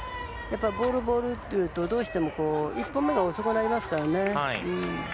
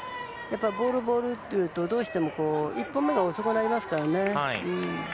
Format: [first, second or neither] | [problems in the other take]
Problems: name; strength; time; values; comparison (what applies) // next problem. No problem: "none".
second | background sound (Clock); 17 dB below the speech